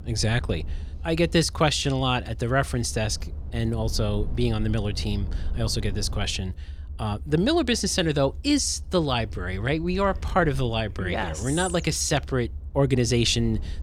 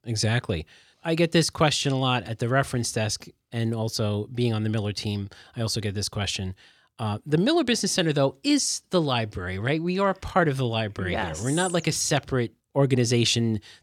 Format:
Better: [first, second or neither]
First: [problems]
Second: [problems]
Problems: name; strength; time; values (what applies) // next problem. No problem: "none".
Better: second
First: low rumble; faint; throughout; 25 dB below the speech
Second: none